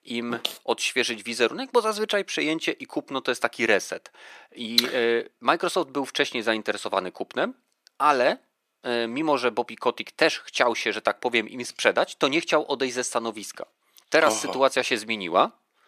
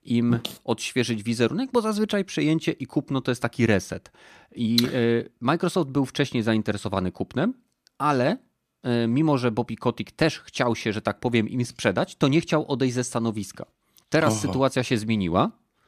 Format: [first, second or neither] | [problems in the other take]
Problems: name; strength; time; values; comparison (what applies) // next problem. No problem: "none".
second | thin; somewhat; fading below 500 Hz